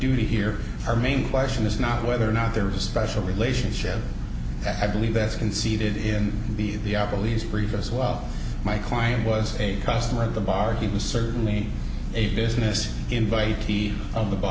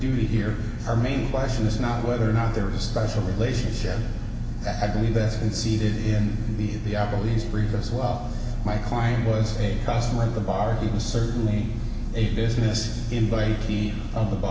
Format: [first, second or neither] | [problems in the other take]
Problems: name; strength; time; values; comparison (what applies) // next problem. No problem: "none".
first | room echo; dies away in 2.7 s